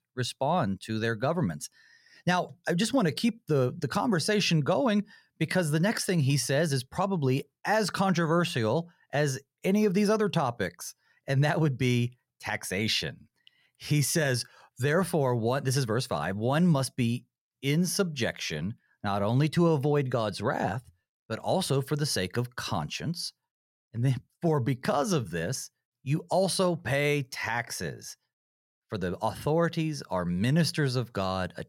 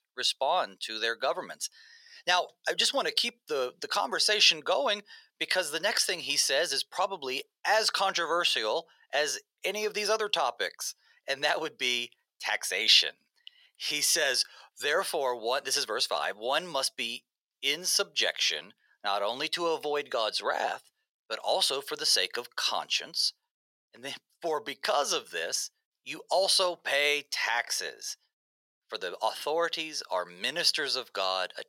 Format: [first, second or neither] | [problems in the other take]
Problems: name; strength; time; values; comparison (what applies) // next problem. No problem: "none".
first | thin; very; fading below 500 Hz